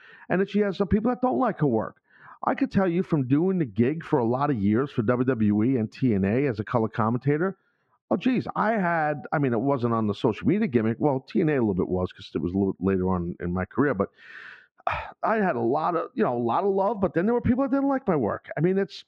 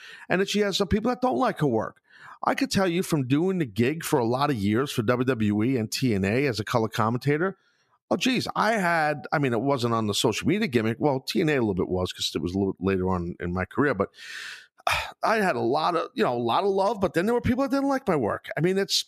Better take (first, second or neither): second